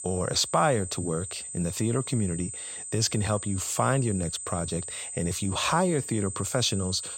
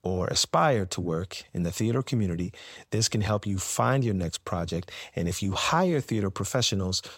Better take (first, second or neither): second